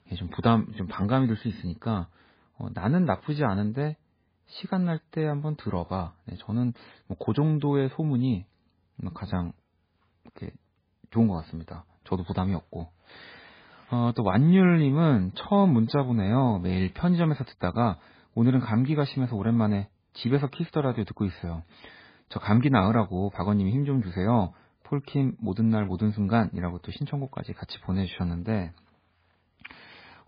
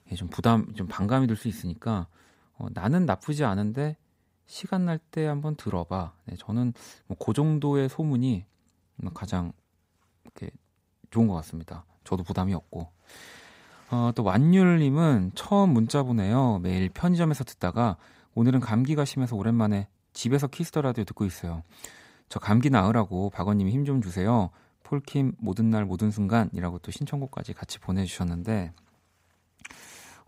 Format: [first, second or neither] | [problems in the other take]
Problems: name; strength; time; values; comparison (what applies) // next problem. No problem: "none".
second | garbled, watery; badly; nothing above 4.5 kHz